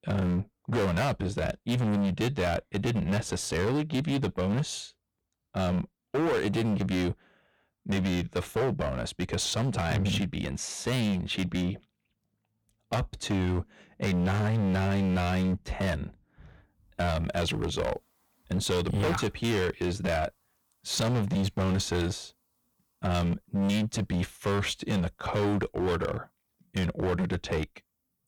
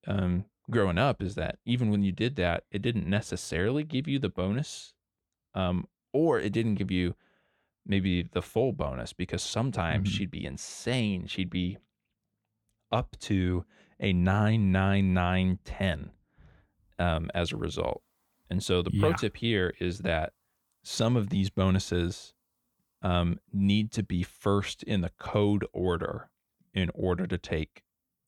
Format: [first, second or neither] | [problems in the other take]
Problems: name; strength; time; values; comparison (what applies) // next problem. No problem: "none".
second | distortion; heavy; 19% of the sound clipped